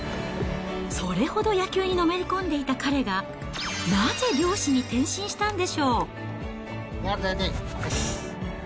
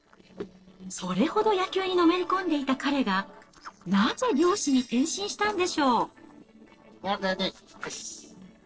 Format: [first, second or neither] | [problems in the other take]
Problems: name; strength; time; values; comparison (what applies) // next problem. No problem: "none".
first | noise reduction (neural separator model SepFormer DNS4)